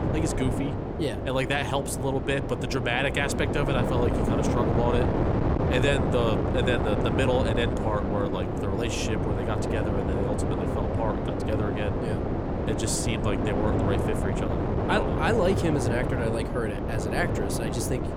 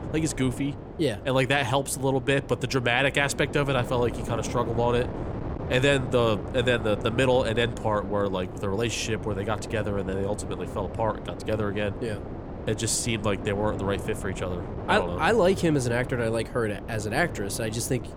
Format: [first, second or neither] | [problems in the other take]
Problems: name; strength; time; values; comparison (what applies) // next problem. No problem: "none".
second | wind noise on the microphone; heavy; 2 dB below the speech; occasional gusts in the second